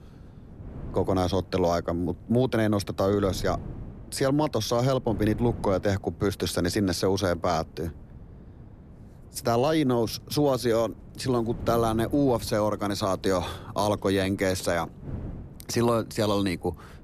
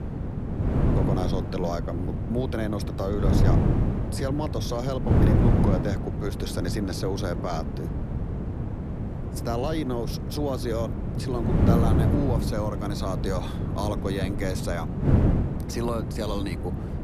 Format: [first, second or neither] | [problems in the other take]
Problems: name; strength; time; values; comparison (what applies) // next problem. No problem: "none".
first | wind noise on the microphone; heavy; 2 dB below the speech; occasional gusts in the first